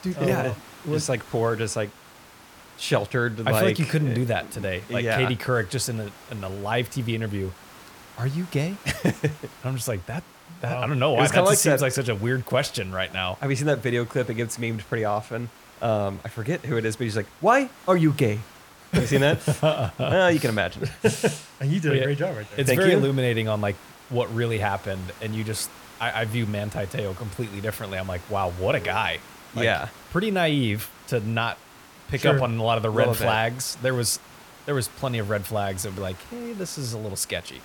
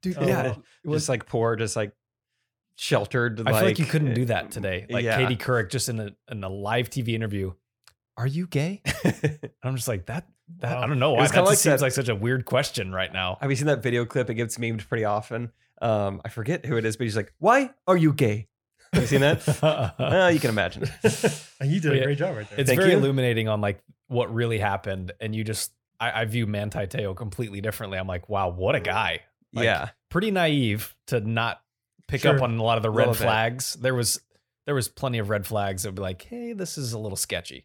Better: second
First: hiss; faint; throughout; 20 dB below the speech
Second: none

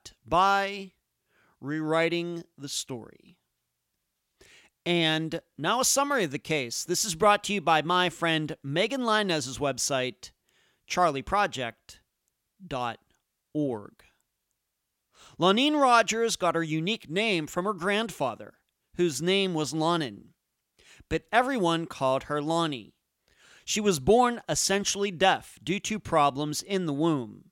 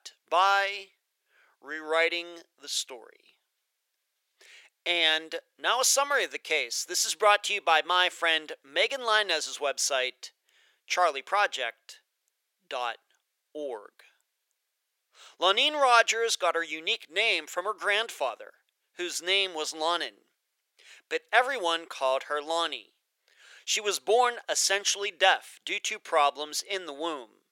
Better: first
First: none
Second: thin; very; fading below 450 Hz

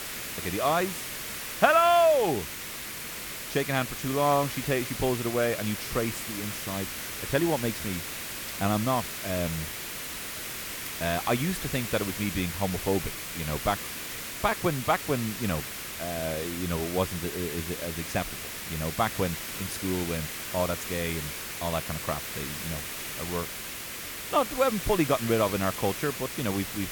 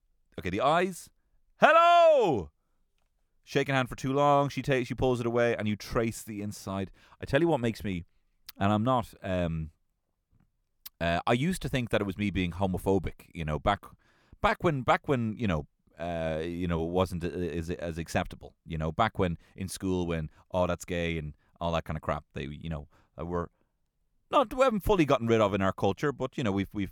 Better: second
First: hiss; loud; throughout; 5 dB below the speech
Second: none

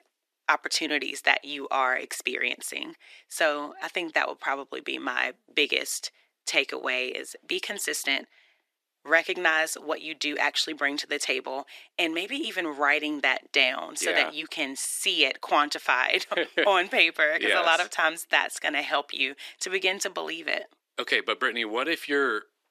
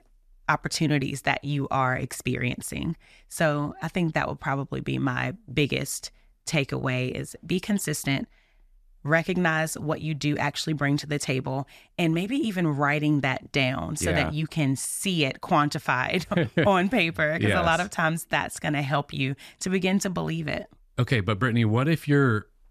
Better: second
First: thin; very; fading below 350 Hz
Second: none

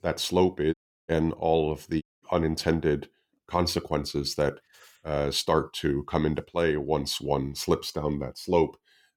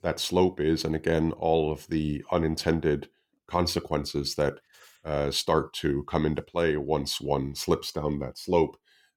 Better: second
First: audio cutting out; at 0.5 s and at 2 s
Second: none

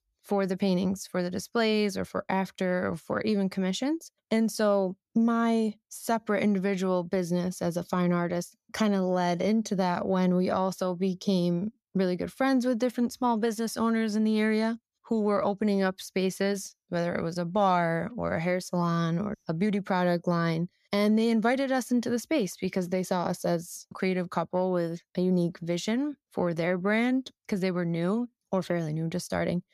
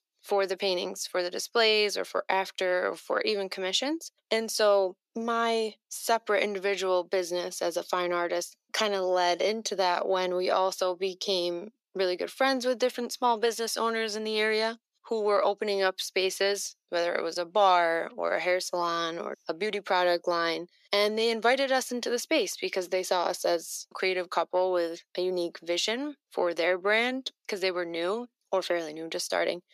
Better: first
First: none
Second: thin; very; fading below 350 Hz

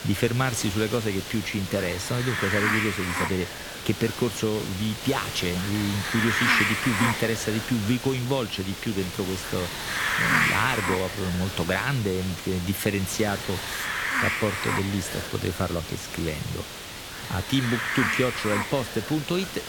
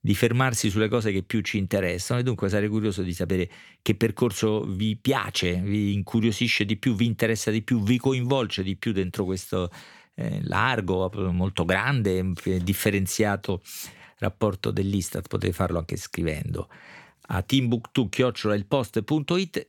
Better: second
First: hiss; loud; throughout; 1 dB below the speech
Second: none

